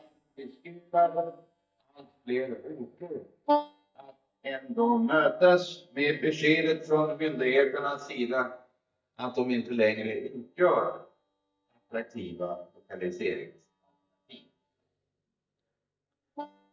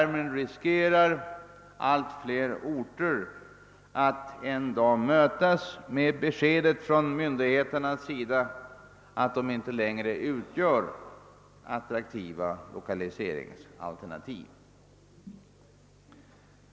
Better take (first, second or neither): second